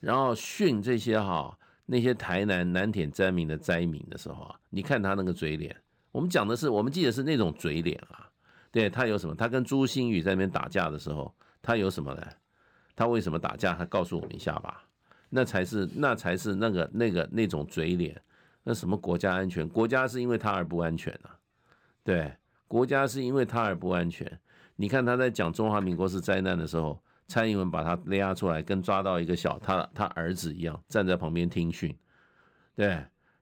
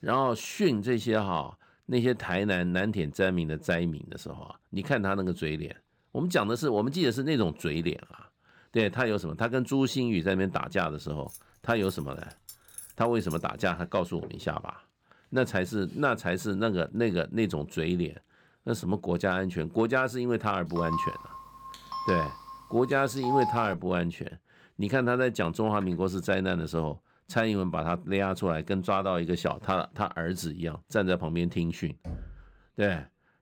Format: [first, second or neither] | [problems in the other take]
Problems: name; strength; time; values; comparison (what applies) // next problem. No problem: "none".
first | jangling keys; faint; from 11 to 13 s; peak 15 dB below the speech // phone ringing; loud; from 21 to 24 s; peak level with the speech // door banging; faint; at 32 s; peak 10 dB below the speech